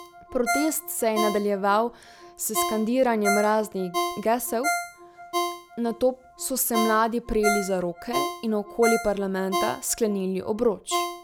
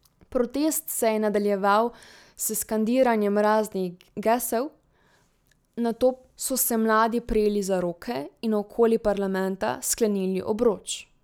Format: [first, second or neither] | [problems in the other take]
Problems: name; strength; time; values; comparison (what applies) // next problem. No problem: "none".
second | background sound (Ringtone); 5 dB below the speech